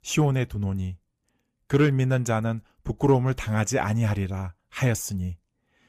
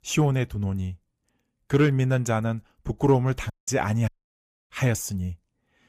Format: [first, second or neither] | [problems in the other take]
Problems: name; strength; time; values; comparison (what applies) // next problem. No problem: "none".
first | audio cutting out; at 3.5 s and at 4 s for 0.5 s